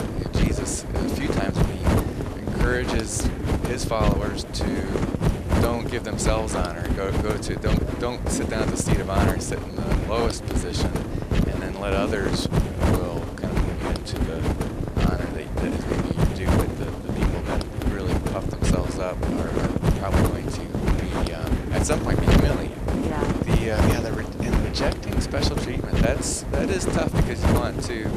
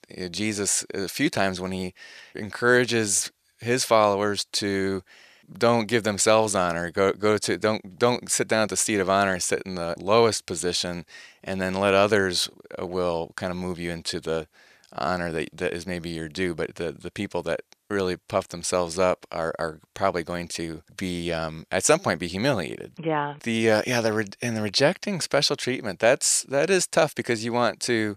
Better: second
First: wind noise on the microphone; heavy; 1 dB above the speech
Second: none

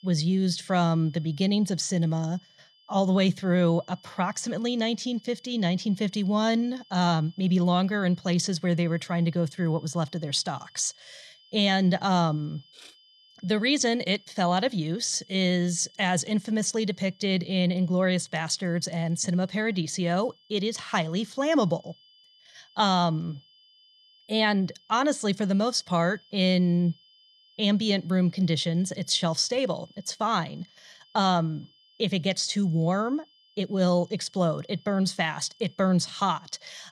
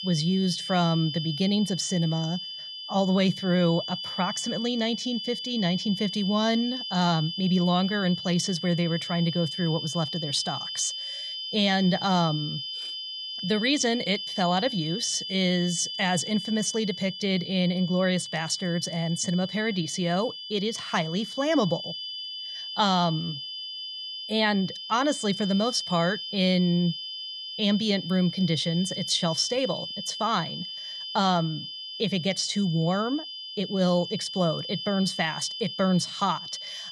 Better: first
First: high-pitched whine; faint; throughout; 3 kHz, 30 dB below the speech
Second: high-pitched whine; loud; throughout; 3 kHz, 7 dB below the speech

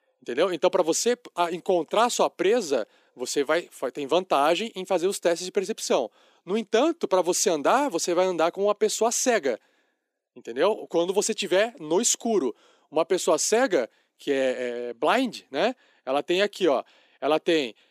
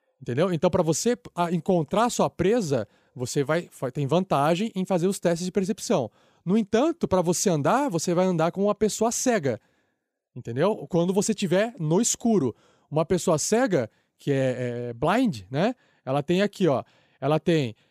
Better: second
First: thin; somewhat; fading below 300 Hz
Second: none

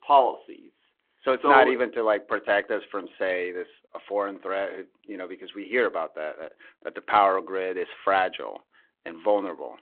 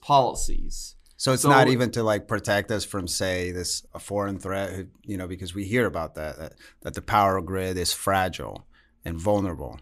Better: second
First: phone-call audio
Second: none

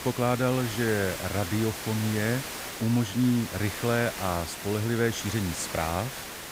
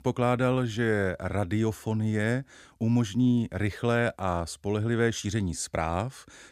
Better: second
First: hiss; loud; throughout; 7 dB below the speech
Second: none

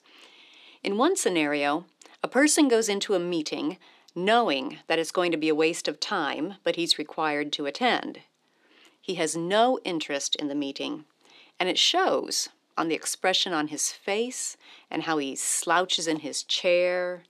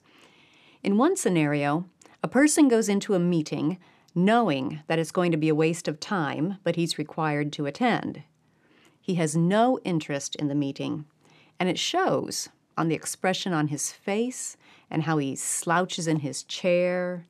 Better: second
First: thin; very slightly; fading below 300 Hz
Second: none

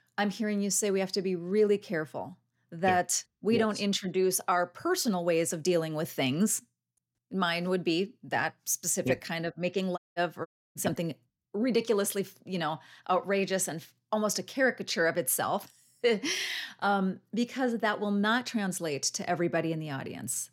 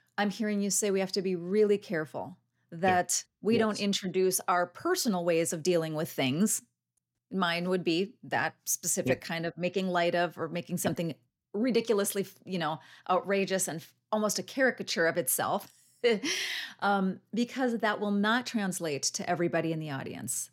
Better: second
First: audio cutting out; at 10 s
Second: none

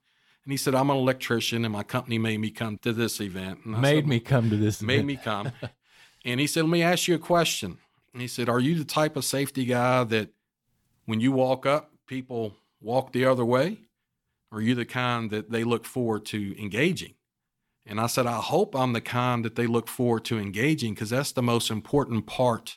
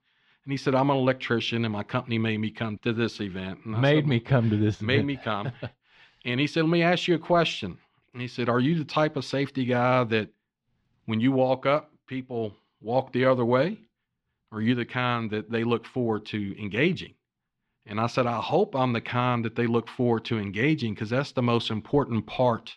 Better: first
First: none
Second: muffled; slightly; fading above 4 kHz

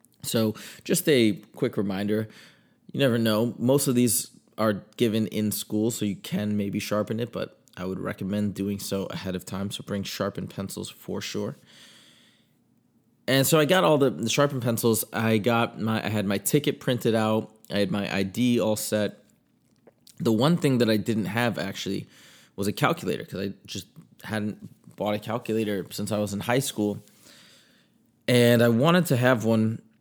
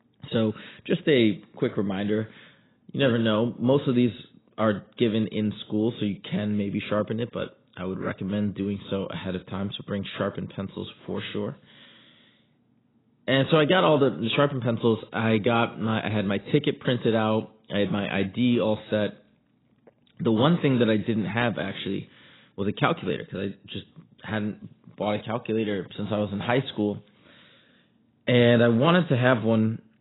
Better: first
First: none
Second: garbled, watery; badly; nothing above 4 kHz

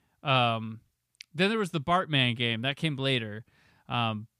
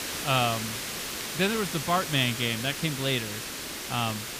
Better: first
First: none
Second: hiss; loud; throughout; 5 dB below the speech

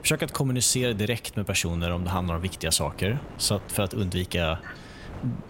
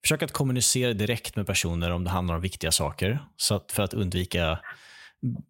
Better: second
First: wind noise on the microphone; occasional gusts; 20 dB below the speech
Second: none

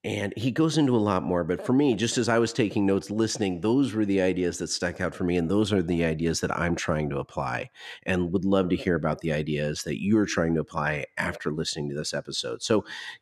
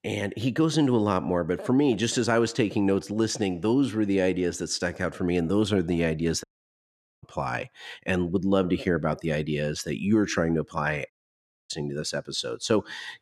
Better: first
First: none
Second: audio cutting out; at 6.5 s for 1 s and at 11 s for 0.5 s

